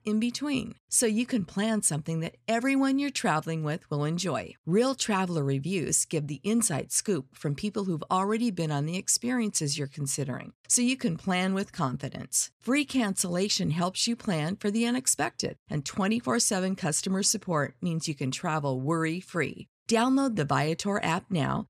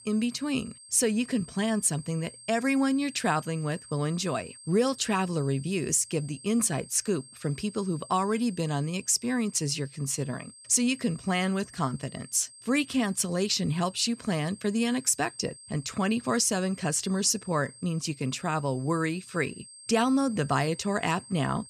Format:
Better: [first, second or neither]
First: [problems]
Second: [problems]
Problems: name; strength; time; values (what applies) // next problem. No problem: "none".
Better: first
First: none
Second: high-pitched whine; noticeable; throughout; 8.5 kHz, 20 dB below the speech